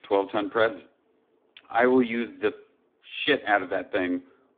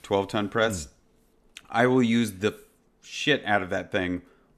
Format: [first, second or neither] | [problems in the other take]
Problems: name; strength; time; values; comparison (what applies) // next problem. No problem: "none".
second | phone-call audio; poor line; nothing above 3.5 kHz